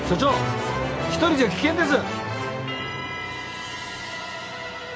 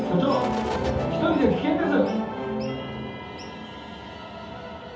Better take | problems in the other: first | background sound (Bird); 13 dB below the speech // room echo; dies away in 0.6 s

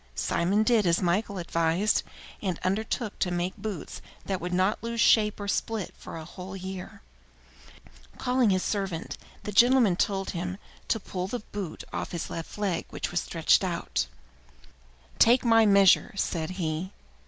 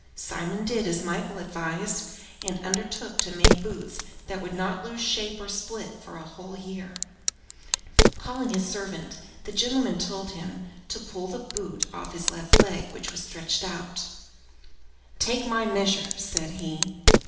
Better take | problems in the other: first | background sound (Crack); 2 dB above the speech // room echo; dies away in 1 s

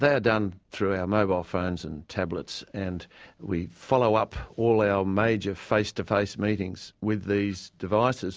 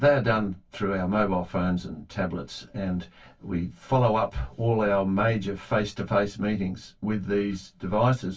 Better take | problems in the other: first | room echo; dies away in 0.1 s

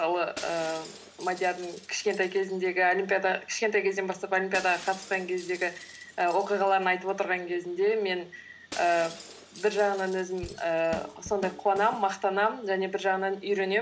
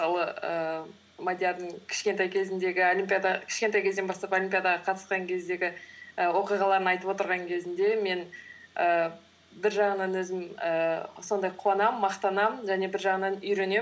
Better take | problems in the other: second | background sound (Shatter + Drum / Drum kit); 18 dB below the speech

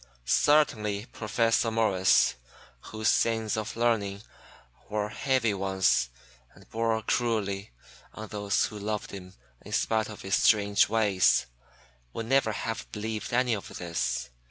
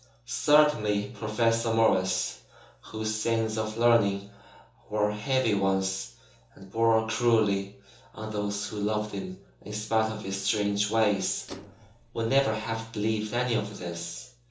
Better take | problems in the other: first | noise reduction (neural separator model SepFormer DNS4)

